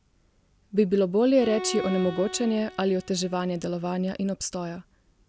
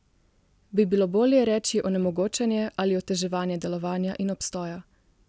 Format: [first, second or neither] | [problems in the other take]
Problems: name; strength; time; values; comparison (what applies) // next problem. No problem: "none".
second | background sound (Bowed string instrument); 13 dB below the speech